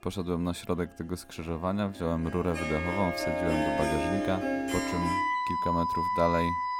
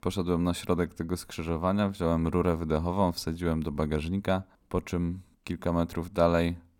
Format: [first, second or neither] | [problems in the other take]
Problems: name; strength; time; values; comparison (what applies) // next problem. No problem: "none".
second | background music; very loud; throughout; 2 dB above the speech